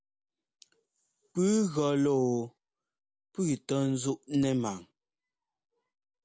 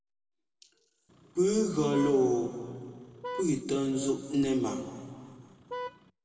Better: first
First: none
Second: background sound (Vehicle horn, car horn, honking); 13 dB below the speech // room echo; dies away in 2.1 s

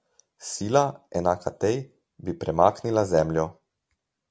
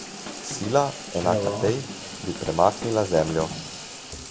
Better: first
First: none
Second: background sound (Drum kit + Bathtub (filling or washing) / Water tap, faucet); 7 dB below the speech

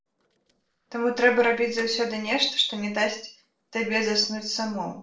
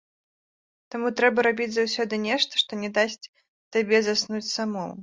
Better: second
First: noise reduction (neural separator model SepFormer DNS4)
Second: none

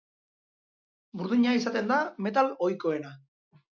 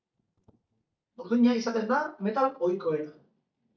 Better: first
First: none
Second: noise reduction (neural mask model DeepFilterNet 3)

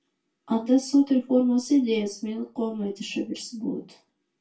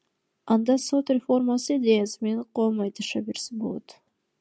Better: second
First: room echo; dies away in 0.2 s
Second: none

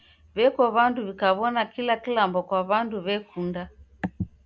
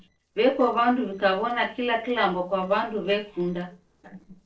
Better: first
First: none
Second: noise reduction (neural separator model SepFormer DNS4)

